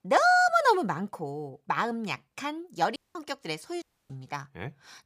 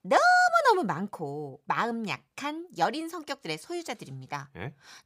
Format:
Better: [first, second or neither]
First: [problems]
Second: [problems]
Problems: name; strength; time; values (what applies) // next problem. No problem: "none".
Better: second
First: audio cutting out; at 3 s and at 4 s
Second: none